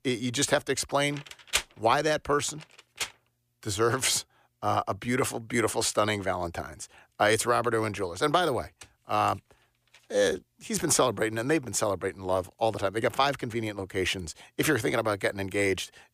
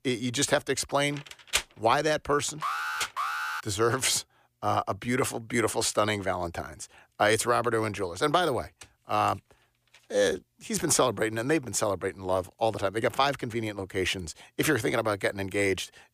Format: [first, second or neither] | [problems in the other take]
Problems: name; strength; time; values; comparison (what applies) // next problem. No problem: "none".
first | alarm; noticeable; at 2.5 s; peak 2 dB below the speech